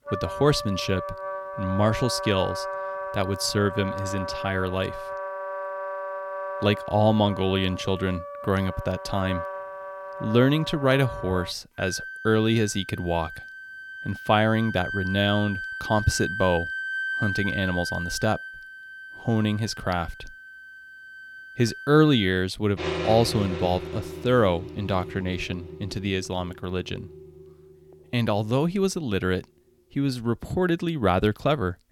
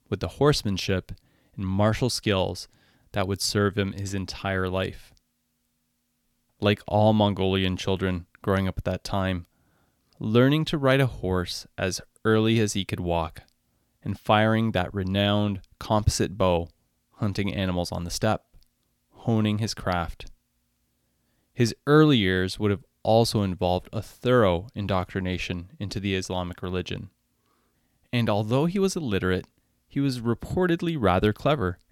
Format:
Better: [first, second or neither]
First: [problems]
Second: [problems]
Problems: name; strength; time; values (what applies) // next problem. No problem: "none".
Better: second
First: background music; loud; throughout; 8 dB below the speech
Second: none